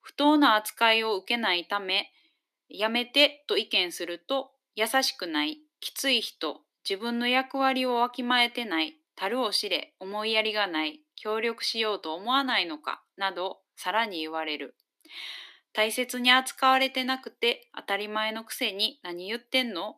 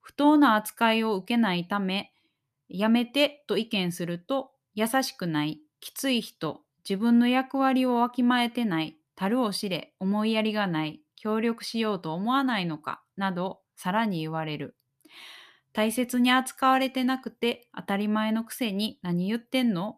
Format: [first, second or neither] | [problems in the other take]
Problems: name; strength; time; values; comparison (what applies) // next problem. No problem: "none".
second | thin; somewhat; fading below 300 Hz